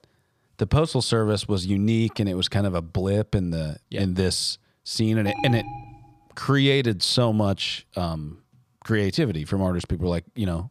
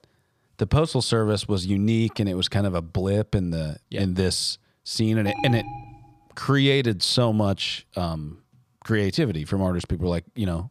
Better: neither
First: alarm; noticeable; at 5.5 s; peak 7 dB below the speech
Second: alarm; noticeable; at 5.5 s; peak 7 dB below the speech

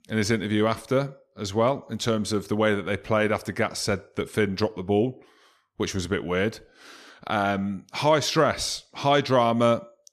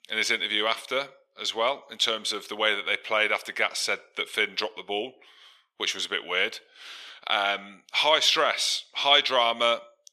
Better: first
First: none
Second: thin; very; fading below 600 Hz

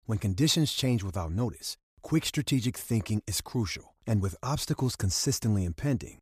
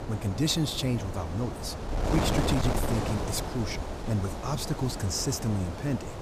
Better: first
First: none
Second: wind noise on the microphone; heavy; 1 dB below the speech

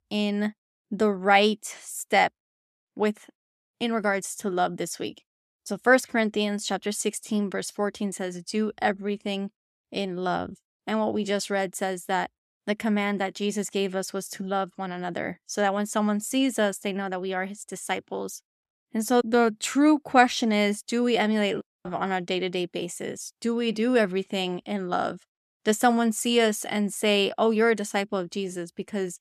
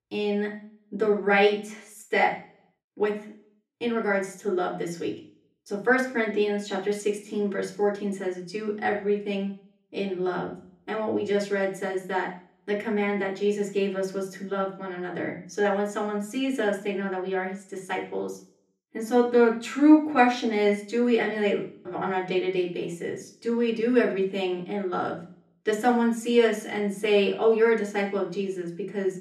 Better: first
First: none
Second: room echo; slight; dies away in 0.5 s // off-mic speech; far

